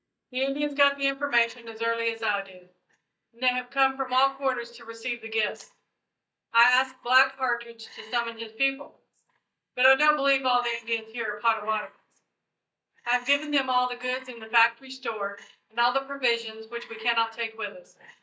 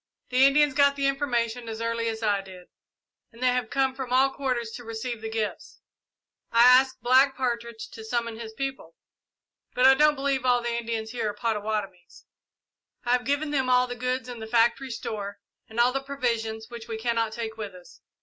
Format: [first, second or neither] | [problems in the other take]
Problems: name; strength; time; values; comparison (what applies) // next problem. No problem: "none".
second | noise reduction (neural mask model DeepFilterNet 3)